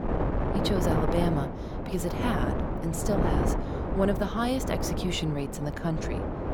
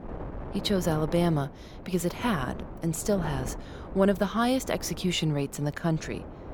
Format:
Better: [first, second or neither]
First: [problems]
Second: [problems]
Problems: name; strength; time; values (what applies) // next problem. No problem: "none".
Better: second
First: wind noise on the microphone; heavy; 1 dB below the speech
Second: wind noise on the microphone; occasional gusts; 15 dB below the speech